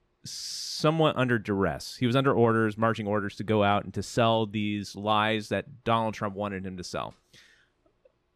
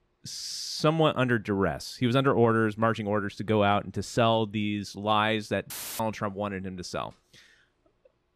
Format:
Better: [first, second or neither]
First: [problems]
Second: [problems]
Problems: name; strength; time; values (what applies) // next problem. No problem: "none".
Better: first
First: none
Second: audio cutting out; filled with static; at 5.5 s